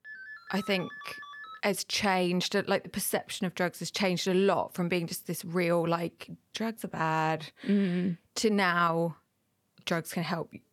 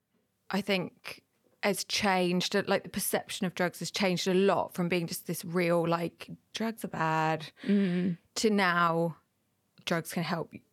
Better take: second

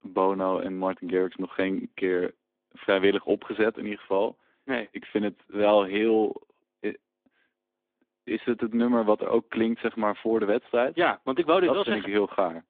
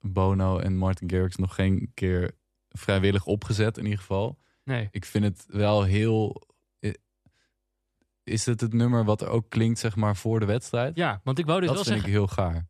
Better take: second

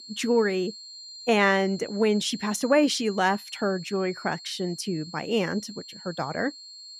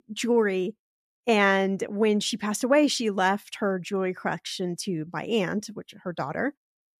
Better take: second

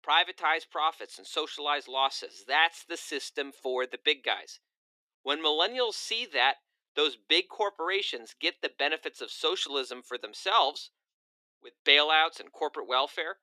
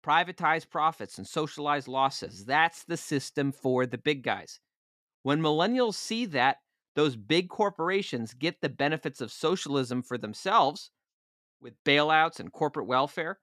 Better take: second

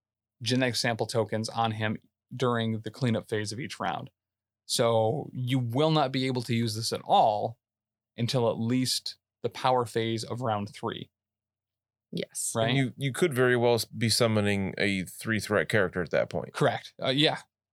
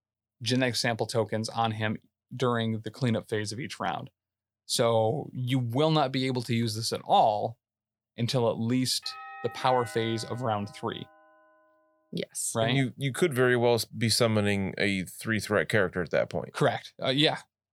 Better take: first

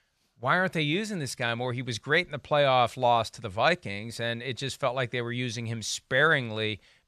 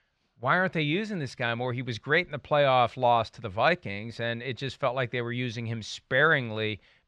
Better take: first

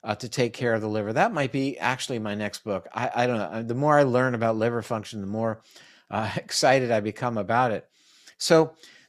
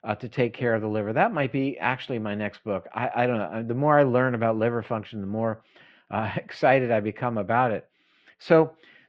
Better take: first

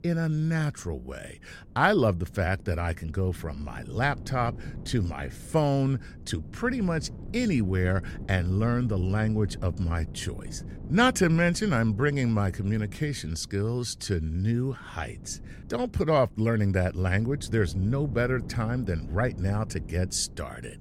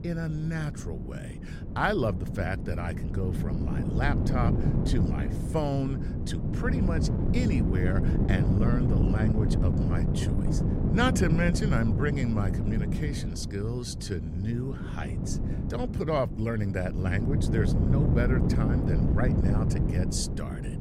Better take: first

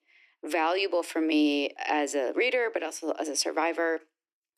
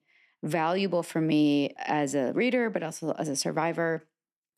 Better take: second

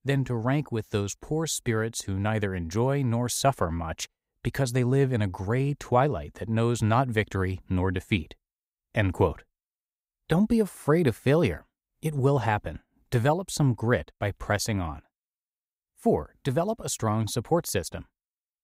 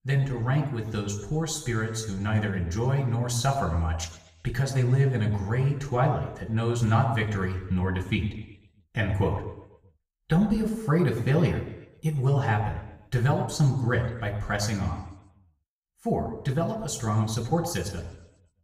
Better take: first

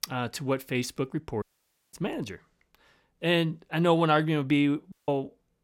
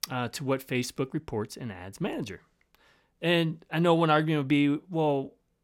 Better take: second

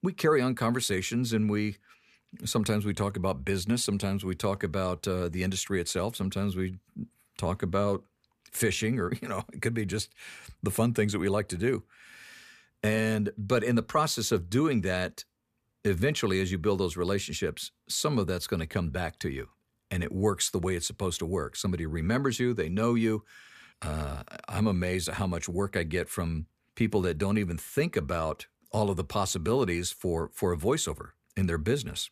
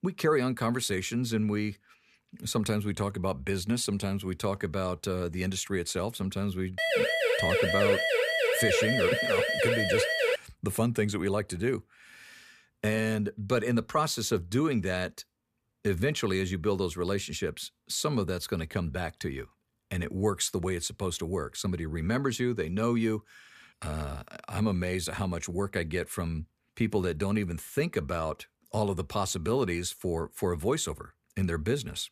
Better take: first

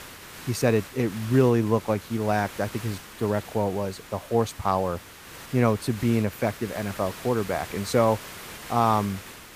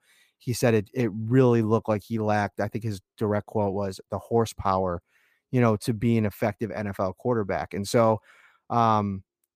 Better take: second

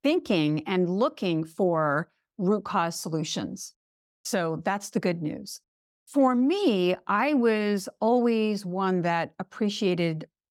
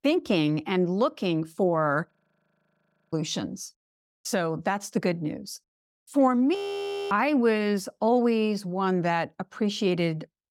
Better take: first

